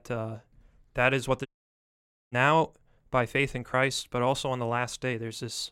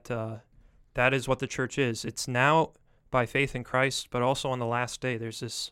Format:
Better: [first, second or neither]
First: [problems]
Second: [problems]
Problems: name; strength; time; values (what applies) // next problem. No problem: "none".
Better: second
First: audio cutting out; at 1.5 s for 1 s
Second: none